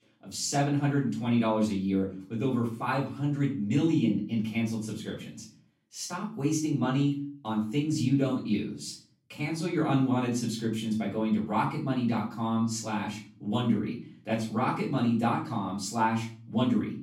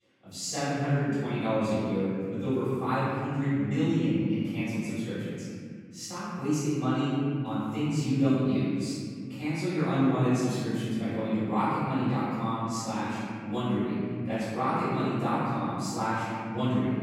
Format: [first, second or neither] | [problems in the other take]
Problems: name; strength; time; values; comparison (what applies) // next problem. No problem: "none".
first | room echo; strong; dies away in 2.5 s; slight in the first // off-mic speech; far; far in the first